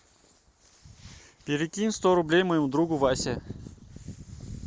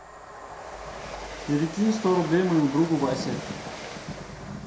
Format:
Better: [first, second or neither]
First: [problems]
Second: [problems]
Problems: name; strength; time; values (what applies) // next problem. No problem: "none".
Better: first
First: none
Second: background sound (Train); 11 dB below the speech // room echo; dies away in 0.5 s